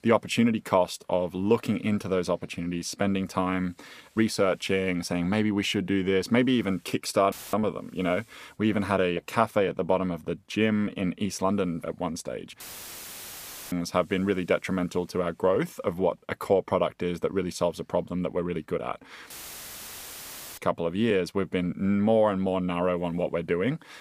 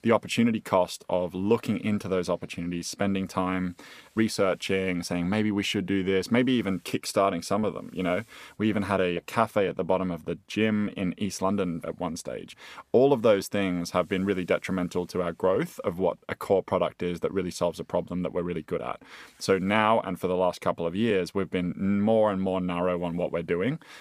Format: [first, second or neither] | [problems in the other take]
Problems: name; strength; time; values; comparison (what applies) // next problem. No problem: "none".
second | audio cutting out; filled with static; at 7.5 s, at 13 s for 1 s and at 19 s for 1.5 s